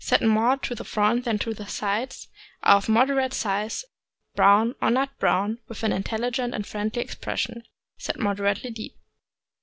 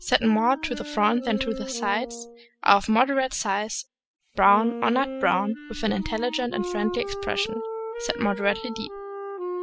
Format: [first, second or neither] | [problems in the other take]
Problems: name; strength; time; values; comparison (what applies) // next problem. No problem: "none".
first | noise reduction (classical method spectral subtraction)